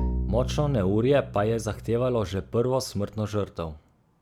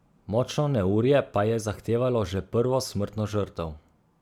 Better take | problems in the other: second | background sound (Bowed string instrument); 8 dB below the speech

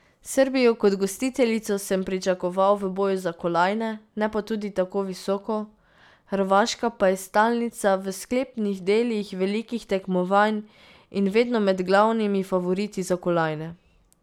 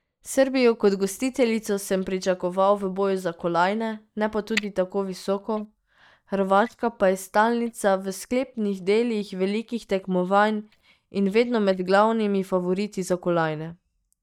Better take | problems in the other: first | noise reduction (neural mask model DeepFilterNet 3)

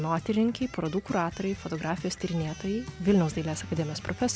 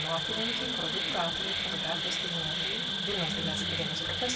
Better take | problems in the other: first | background sound (Insect); 3 dB above the speech // room echo; dies away in 1.9 s

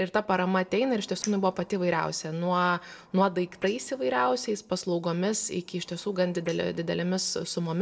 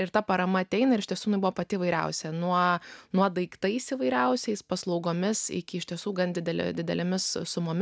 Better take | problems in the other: second | noise reduction (neural separator model SepFormer DNS4)

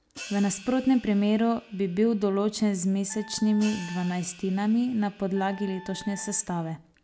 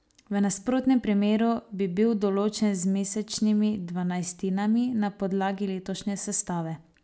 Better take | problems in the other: second | background sound (Wind instrument, woodwind instrument + Hi-hat); 19 dB below the speech

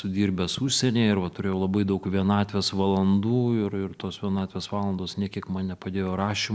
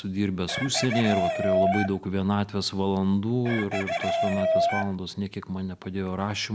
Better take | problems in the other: first | background sound (Chicken, rooster); 2 dB below the speech

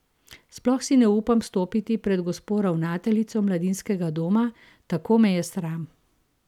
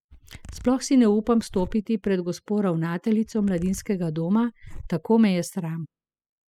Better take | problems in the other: first | noise reduction (classical method spectral subtraction)

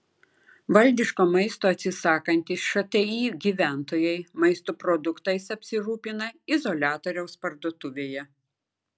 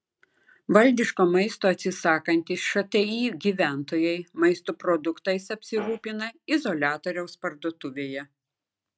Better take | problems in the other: first | noise reduction (neural mask model RNNoise)

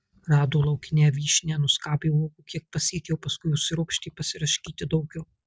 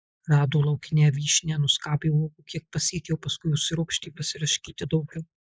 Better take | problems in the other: first | noise reduction (neural mask model Resemble Enhance denoiser)

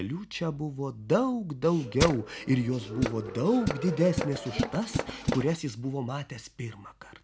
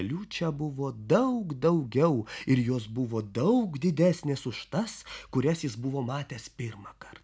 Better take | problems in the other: second | background sound (Tools); 4 dB below the speech

